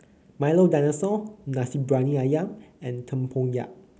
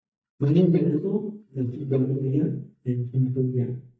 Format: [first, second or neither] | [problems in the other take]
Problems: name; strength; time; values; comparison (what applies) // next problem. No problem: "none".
first | noise reduction (neural mask model DeepFilterNet 3)